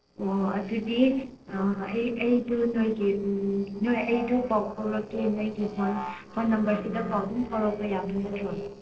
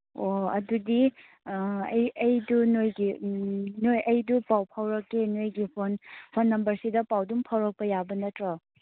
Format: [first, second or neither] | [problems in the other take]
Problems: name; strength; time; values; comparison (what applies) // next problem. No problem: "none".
second | noise reduction (neural separator model SepFormer DNS4)